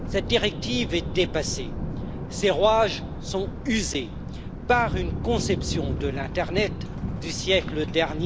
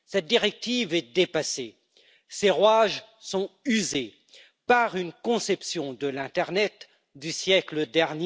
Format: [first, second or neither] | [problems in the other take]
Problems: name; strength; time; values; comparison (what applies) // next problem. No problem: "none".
second | background sound (Thunder); 4 dB below the speech